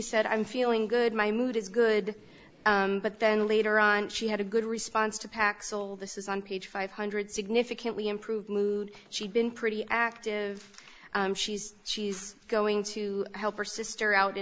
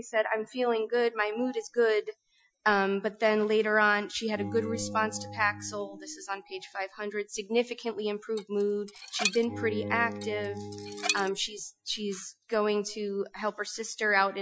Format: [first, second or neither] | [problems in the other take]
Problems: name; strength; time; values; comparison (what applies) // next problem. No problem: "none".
first | noise reduction (classical method Wiener filter)